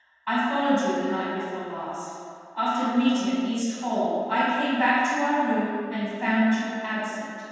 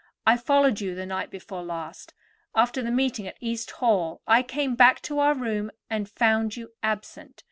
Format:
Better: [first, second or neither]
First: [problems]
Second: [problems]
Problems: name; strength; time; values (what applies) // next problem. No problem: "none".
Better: second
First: room echo; dies away in 2.1 s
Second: none